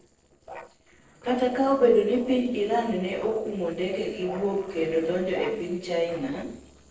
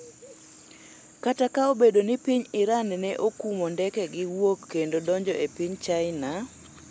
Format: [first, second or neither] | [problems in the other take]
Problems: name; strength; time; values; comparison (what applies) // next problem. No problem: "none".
second | noise reduction (neural separator model SepFormer DNS4)